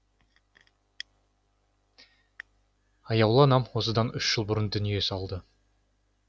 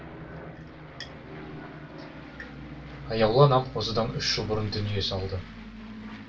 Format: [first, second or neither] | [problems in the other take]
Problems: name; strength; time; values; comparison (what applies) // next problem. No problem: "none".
first | background sound (Aircraft); 12 dB below the speech // room echo; dies away in 0.2 s